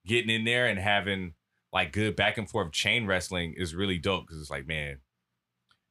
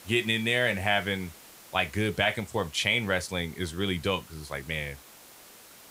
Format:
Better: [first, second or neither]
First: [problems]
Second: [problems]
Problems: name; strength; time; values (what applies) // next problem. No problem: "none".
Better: first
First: none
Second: hiss; faint; throughout; 20 dB below the speech